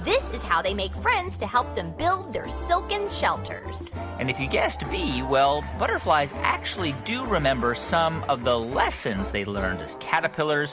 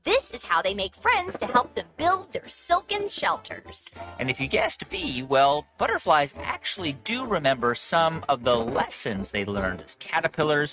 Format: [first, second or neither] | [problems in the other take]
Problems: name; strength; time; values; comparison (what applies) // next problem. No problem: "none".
first | noise reduction (neural mask model RNNoise)